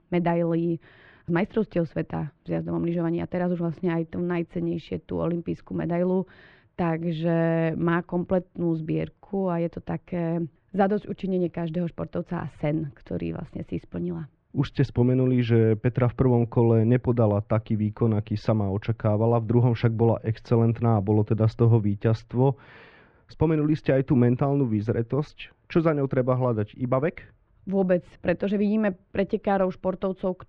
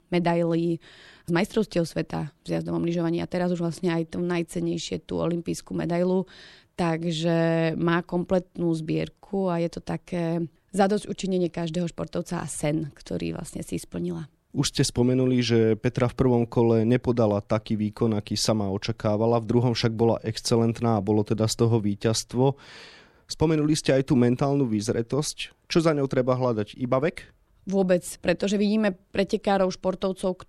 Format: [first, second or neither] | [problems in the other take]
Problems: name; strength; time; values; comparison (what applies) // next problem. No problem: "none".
second | muffled; very; fading above 2.5 kHz